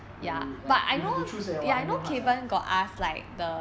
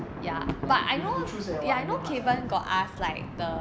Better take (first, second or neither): first